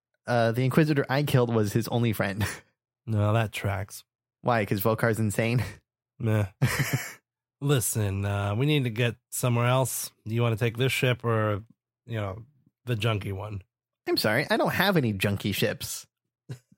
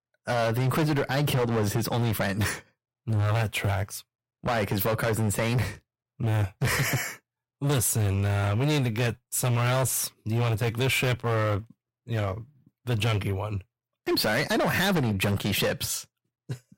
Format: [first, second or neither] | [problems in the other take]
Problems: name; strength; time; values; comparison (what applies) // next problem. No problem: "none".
first | distortion; heavy; 17% of the sound clipped